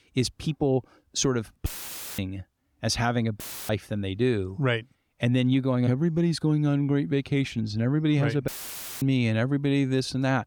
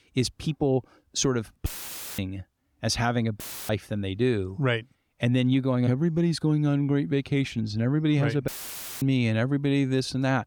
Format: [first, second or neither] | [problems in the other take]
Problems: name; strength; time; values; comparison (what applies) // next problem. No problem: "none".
neither | audio cutting out; filled with static; at 1.5 s for 0.5 s, at 3.5 s and at 8.5 s for 0.5 s; the same in both